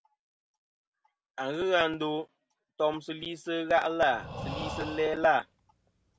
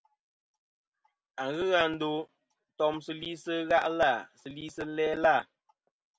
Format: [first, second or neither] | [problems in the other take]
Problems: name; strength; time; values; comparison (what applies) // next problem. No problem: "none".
second | background sound (Breathing); 10 dB below the speech